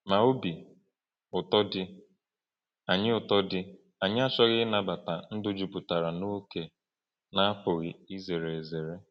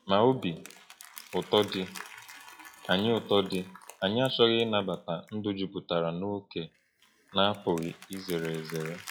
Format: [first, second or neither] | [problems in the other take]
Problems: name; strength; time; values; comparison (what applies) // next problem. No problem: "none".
first | noise reduction (classical method log-MMSE)